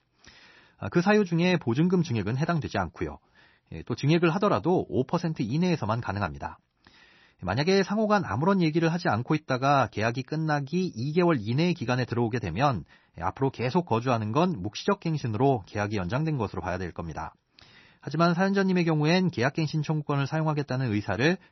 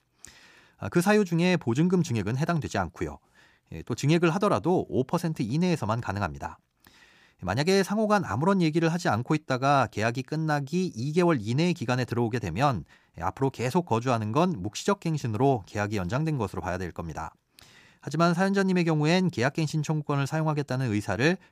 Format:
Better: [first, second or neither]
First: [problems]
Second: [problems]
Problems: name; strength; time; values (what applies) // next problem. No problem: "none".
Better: second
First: garbled, watery; slightly; nothing above 6 kHz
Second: none